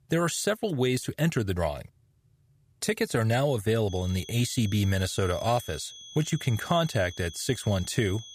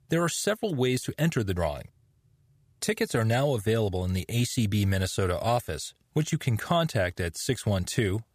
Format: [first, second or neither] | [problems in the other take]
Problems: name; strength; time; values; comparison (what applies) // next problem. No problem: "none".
second | high-pitched whine; noticeable; from 4 s on; 3.5 kHz, 15 dB below the speech